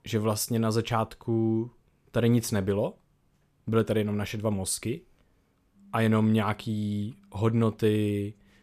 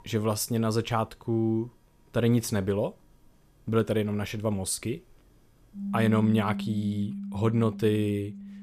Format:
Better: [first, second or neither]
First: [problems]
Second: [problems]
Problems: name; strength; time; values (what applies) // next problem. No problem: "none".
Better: first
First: background music; faint; throughout; 30 dB below the speech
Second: background music; loud; throughout; 7 dB below the speech